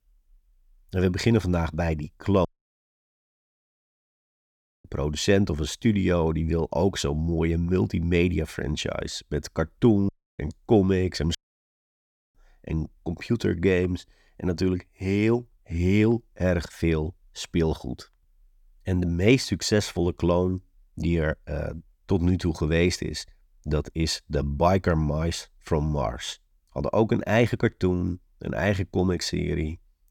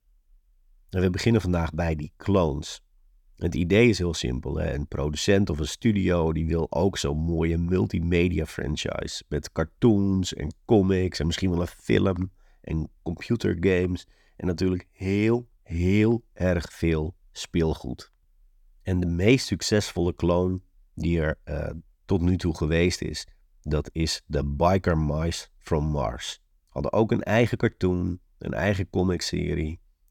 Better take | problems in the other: second | audio cutting out; at 2.5 s for 2.5 s, at 10 s and at 11 s for 1 s

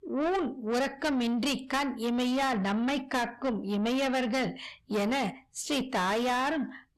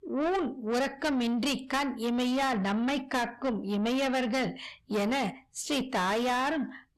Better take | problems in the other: neither | distortion; heavy; 6 dB below the speech; the same in both

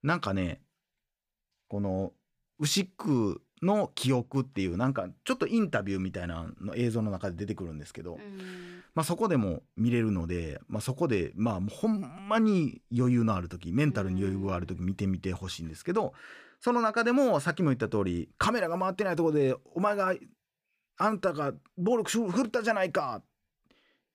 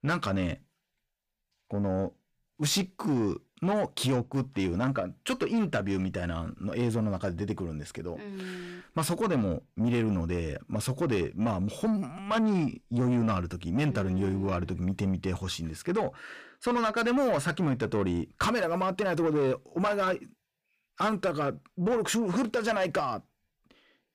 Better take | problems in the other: first | distortion; slight; 10 dB below the speech

